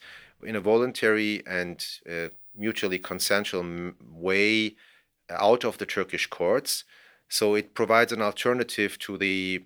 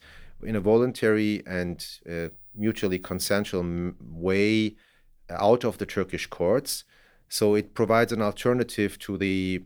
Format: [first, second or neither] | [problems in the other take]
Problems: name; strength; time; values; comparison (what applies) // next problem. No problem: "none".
second | thin; very slightly; fading below 750 Hz